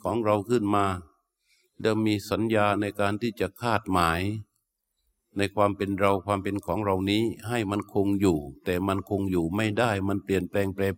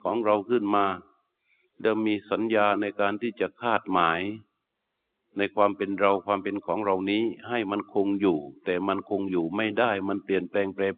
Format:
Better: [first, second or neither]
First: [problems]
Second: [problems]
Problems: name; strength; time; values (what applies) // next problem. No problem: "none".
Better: first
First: none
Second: phone-call audio; nothing above 3.5 kHz